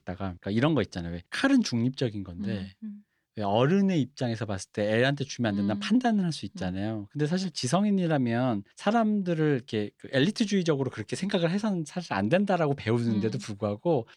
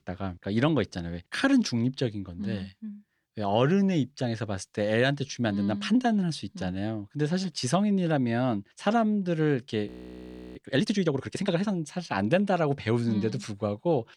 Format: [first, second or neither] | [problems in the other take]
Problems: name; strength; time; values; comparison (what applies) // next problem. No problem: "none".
first | audio freezing; at 10 s for 0.5 s